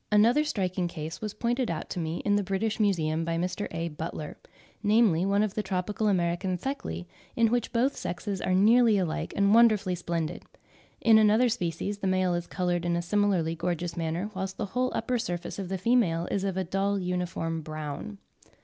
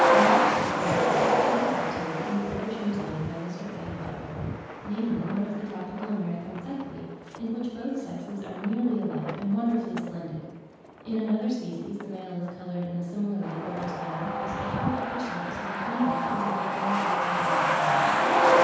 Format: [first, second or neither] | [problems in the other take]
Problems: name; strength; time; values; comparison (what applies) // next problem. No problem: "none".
first | background sound (Truck); 3 dB above the speech // room echo; dies away in 1.2 s